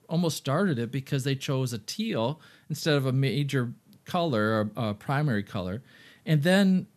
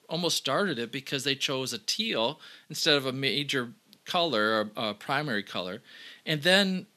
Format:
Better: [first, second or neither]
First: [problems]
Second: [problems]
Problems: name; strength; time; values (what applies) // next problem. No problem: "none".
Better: first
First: none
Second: thin; somewhat; fading below 250 Hz